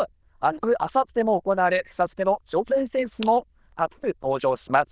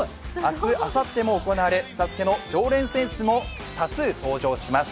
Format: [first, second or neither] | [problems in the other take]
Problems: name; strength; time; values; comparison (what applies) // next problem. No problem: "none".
second | noise reduction (neural diffusion model UNIVERSE++)